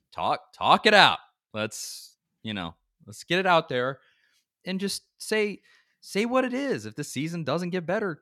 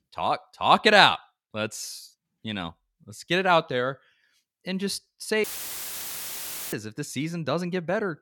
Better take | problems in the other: first | audio cutting out; filled with static; at 5.5 s for 1.5 s

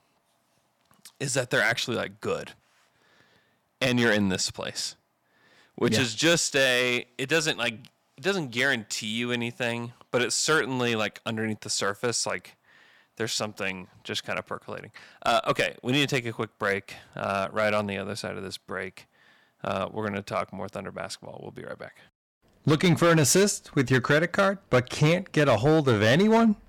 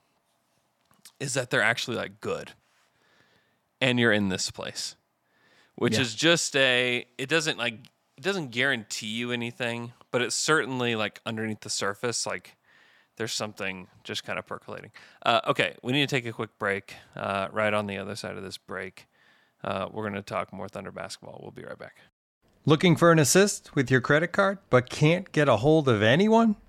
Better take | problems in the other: second | distortion; slight; 3% of the sound clipped

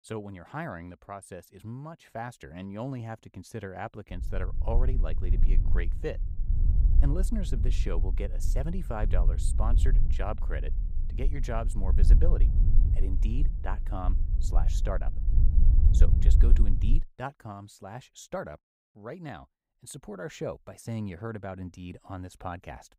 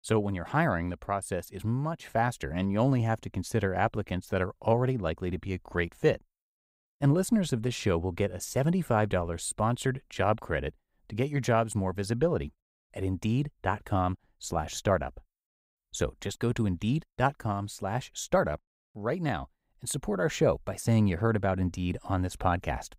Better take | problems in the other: second | low rumble; loud; from 4 to 17 s; 8 dB below the speech

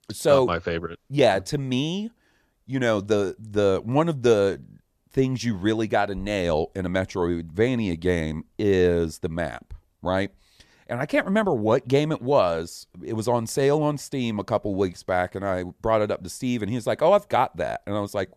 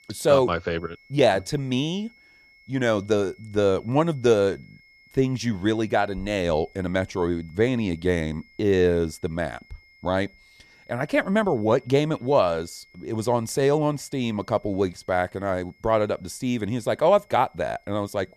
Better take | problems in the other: first | high-pitched whine; faint; throughout; 2 kHz, 30 dB below the speech

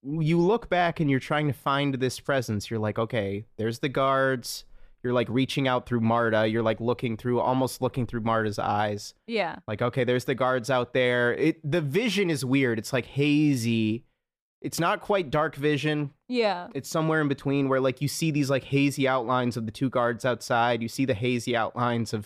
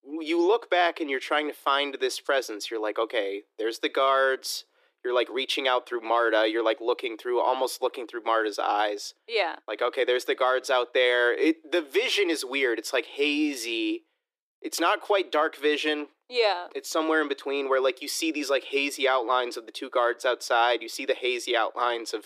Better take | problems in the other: first | thin; very; fading below 300 Hz

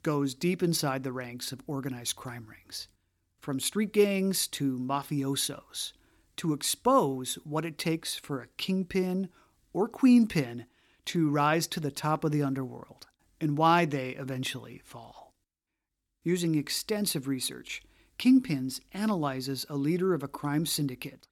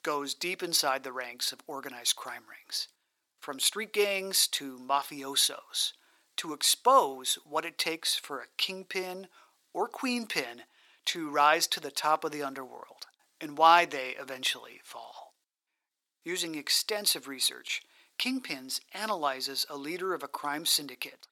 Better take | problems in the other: first | thin; very; fading below 700 Hz

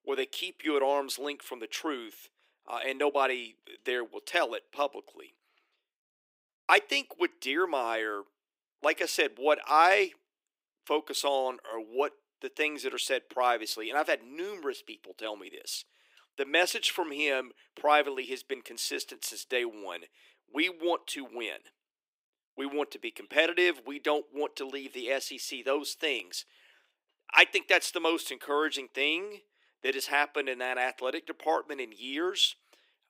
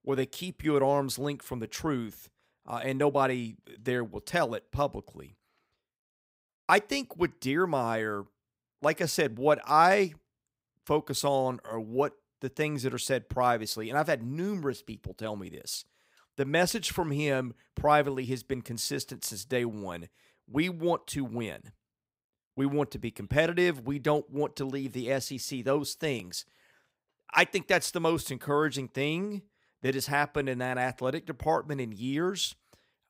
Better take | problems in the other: second | thin; somewhat; fading below 300 Hz

